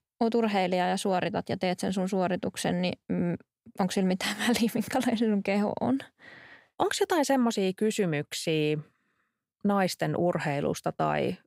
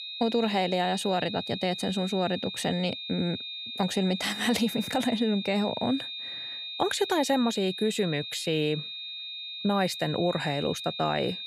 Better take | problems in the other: first | high-pitched whine; loud; throughout; 3.5 kHz, 7 dB below the speech

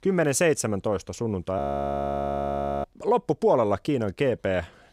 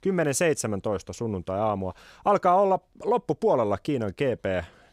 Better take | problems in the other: second | audio freezing; at 1.5 s for 1 s

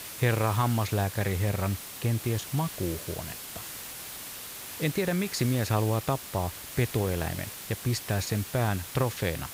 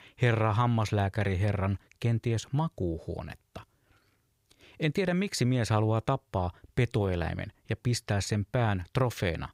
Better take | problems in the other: second | hiss; loud; throughout; 9 dB below the speech

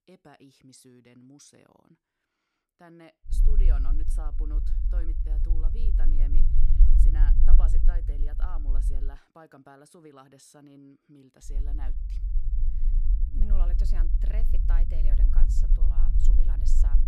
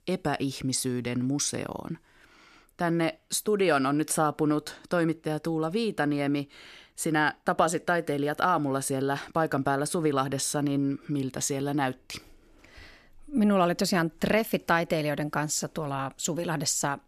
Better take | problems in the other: second | low rumble; loud; from 3.5 to 9 s and from 11 s on; 1 dB below the speech

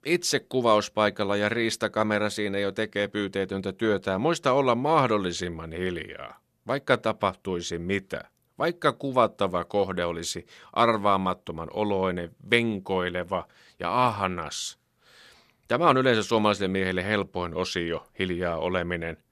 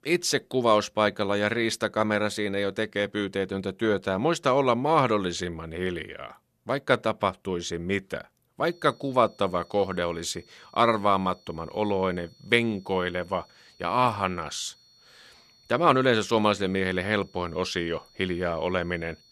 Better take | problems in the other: first | high-pitched whine; faint; from 8.5 s on; 4.5 kHz, 30 dB below the speech

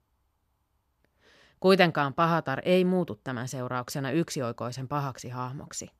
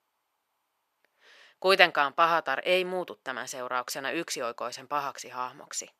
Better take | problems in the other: first | thin; very; fading below 550 Hz

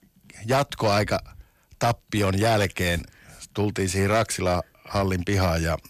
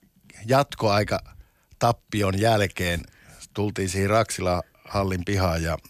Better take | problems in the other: second | distortion; slight; 5% of the sound clipped

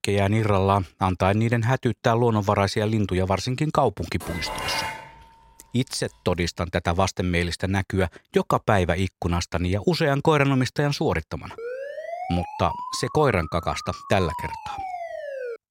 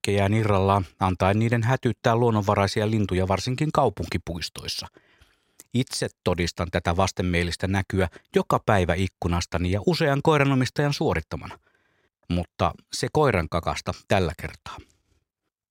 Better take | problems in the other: second | clattering dishes; noticeable; at 4 s; peak 4 dB below the speech // siren; noticeable; from 12 s on; peak 9 dB below the speech

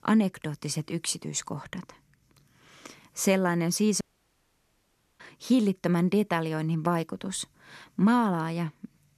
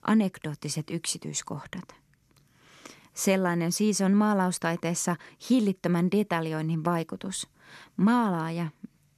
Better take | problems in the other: second | audio cutting out; at 4 s for 1 s

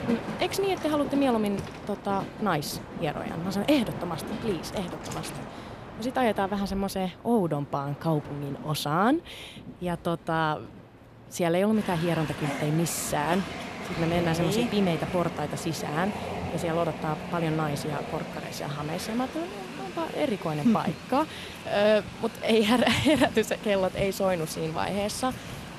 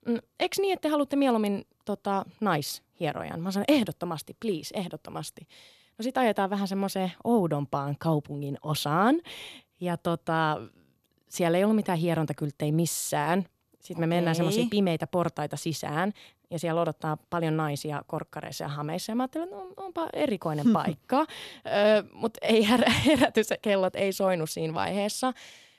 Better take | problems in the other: second | train or aircraft noise; loud; throughout; 10 dB below the speech

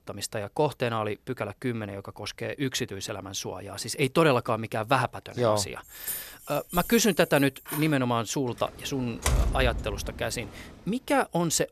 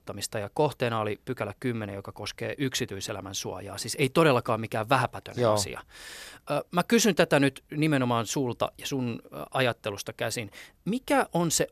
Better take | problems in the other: second | jangling keys; noticeable; from 6 to 8 s; peak 6 dB below the speech // door banging; loud; at 9 s; peak 1 dB above the speech

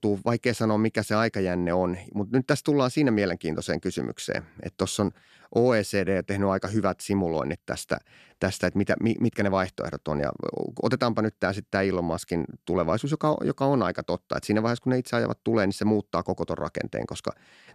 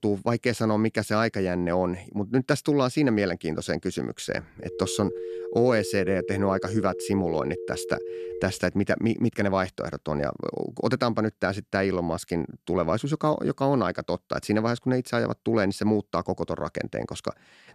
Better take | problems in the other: first | phone ringing; noticeable; from 4.5 to 8.5 s; peak 8 dB below the speech

